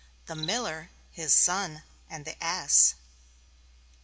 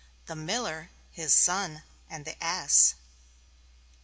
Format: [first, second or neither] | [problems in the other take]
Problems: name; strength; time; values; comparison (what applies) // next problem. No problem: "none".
second | background sound (Cricket); 19 dB below the speech